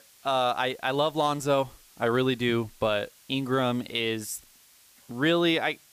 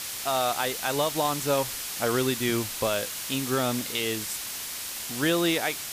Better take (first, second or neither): first